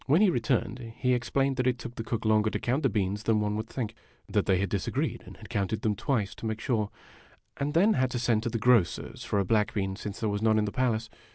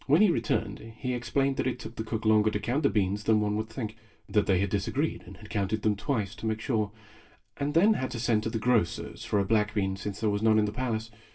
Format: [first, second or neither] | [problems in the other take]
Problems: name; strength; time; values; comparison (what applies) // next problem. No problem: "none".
first | room echo; dies away in 0.2 s